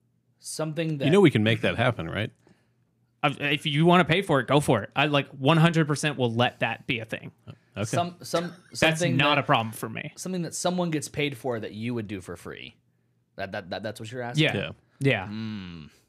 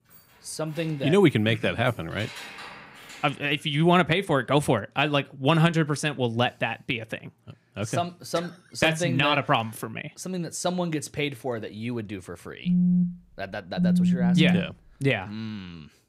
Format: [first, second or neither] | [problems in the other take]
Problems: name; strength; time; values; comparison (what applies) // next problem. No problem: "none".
first | jangling keys; faint; until 3.5 s; peak 10 dB below the speech // phone ringing; loud; from 13 to 15 s; peak 4 dB above the speech